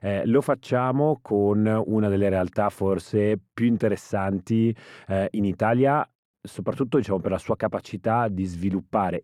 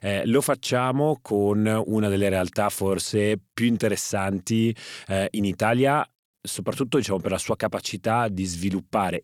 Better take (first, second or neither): second